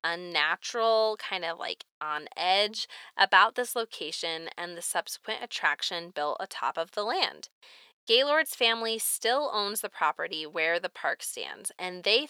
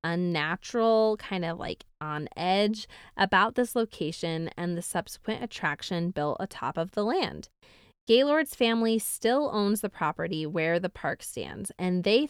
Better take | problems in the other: second | thin; very; fading below 700 Hz

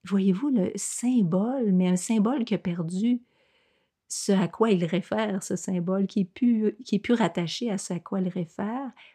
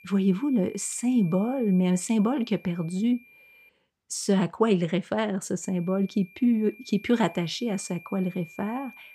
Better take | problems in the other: first | high-pitched whine; faint; until 3.5 s and from 5.5 s on; 2.5 kHz, 25 dB below the speech

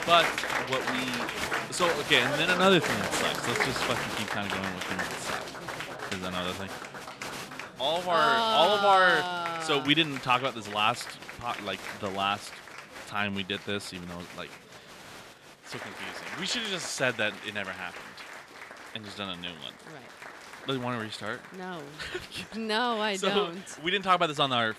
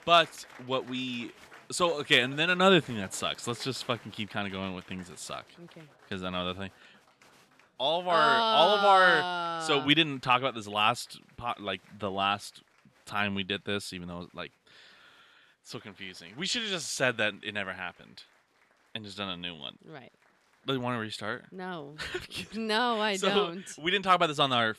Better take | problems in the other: second | crowd noise; loud; throughout; 7 dB below the speech; faint in the second

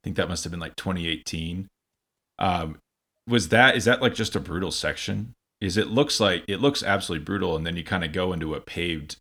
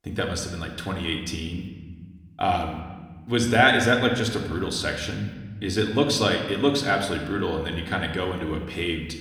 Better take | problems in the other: first | room echo; slight; dies away in 1.2 s

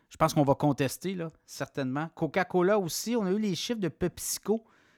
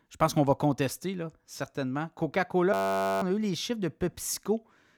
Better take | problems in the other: first | audio freezing; at 2.5 s

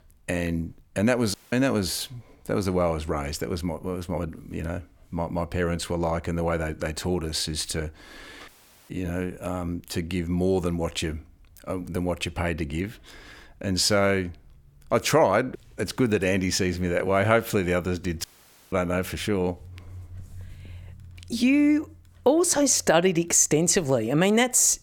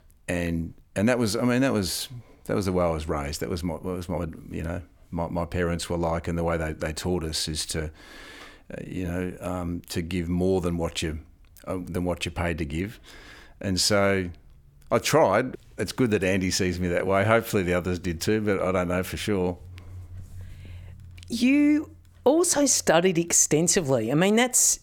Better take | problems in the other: second | audio cutting out; at 1.5 s, at 8.5 s and at 18 s

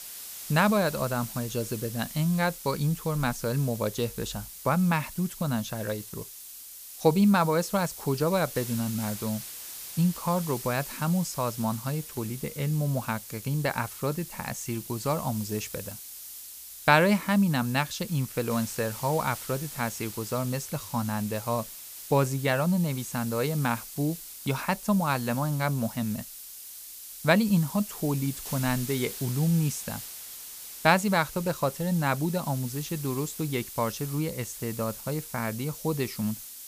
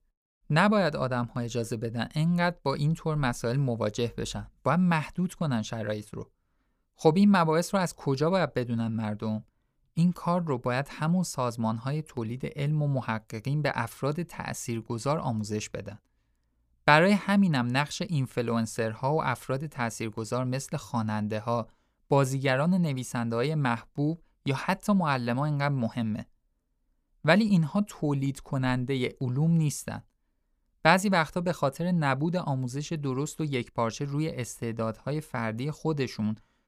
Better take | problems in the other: second | hiss; noticeable; throughout; 10 dB below the speech

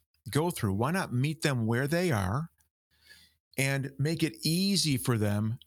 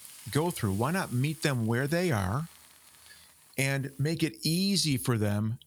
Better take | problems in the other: first | hiss; faint; throughout; 20 dB below the speech

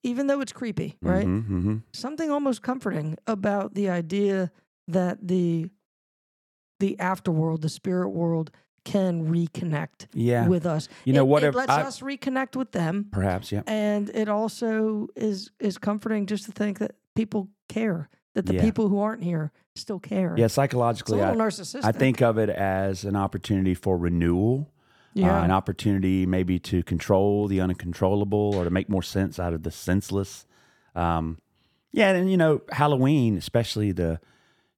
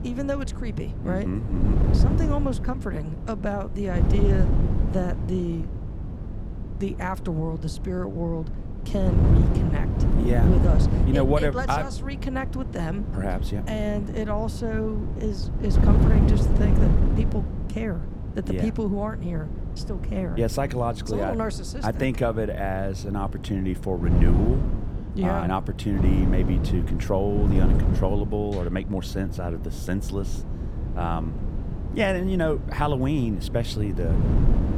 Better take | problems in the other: first | wind noise on the microphone; heavy; 6 dB below the speech

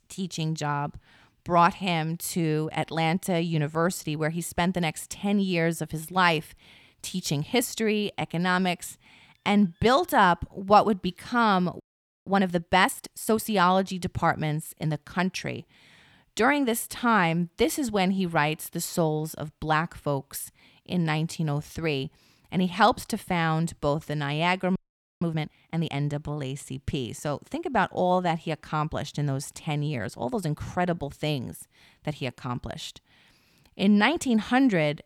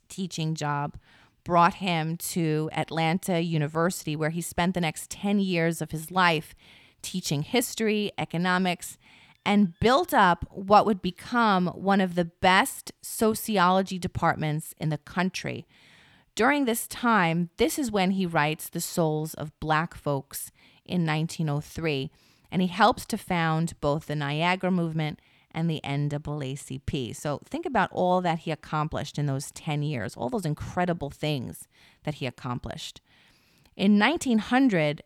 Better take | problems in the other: second | audio freezing; at 12 s and at 25 s

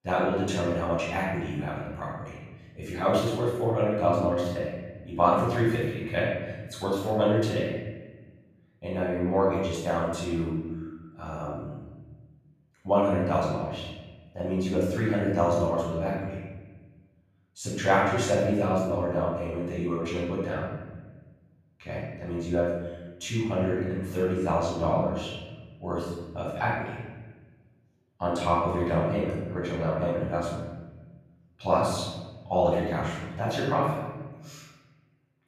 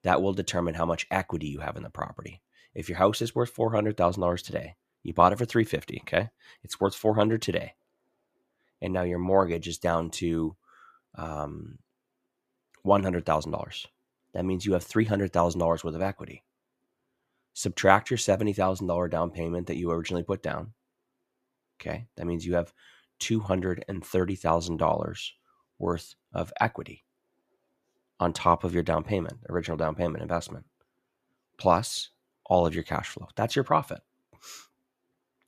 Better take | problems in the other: second | room echo; strong; dies away in 1.3 s // off-mic speech; far

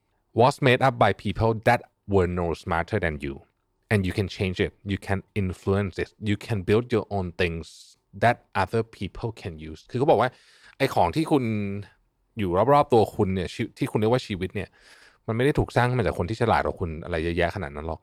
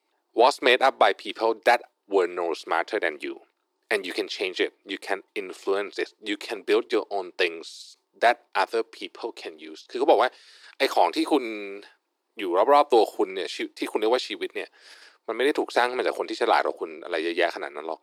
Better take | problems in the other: first | thin; very; fading below 300 Hz

